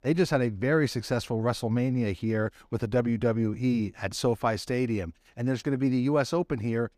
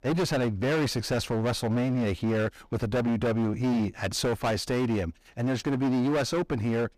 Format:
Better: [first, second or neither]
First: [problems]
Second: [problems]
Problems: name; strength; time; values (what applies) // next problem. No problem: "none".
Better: first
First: none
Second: distortion; heavy; 25% of the sound clipped